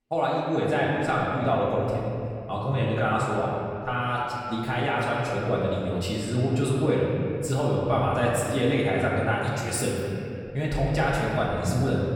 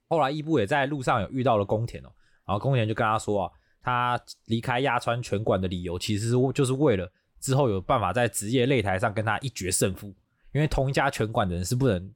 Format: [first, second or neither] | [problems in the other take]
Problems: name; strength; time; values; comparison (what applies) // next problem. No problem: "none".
second | off-mic speech; far // room echo; noticeable; dies away in 2.5 s